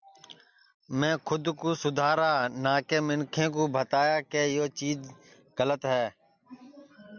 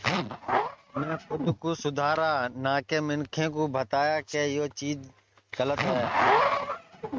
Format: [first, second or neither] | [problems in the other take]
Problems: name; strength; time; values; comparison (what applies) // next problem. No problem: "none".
first | noise reduction (neural mask model RNNoise)